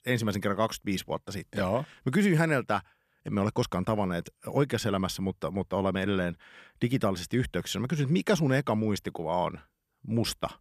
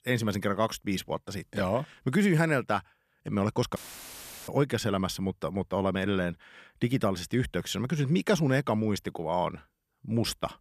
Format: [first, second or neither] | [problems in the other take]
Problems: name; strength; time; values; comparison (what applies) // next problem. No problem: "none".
first | audio cutting out; filled with static; at 4 s for 0.5 s